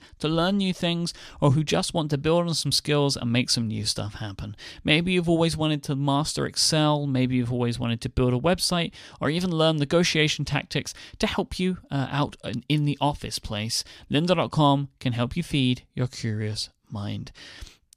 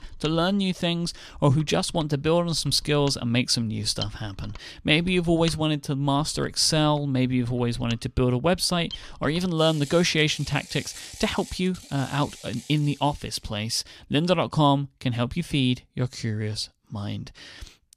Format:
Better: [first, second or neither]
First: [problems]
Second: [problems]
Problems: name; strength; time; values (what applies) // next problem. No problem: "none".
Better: first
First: none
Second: machinery noise; noticeable; until 13 s; 20 dB below the speech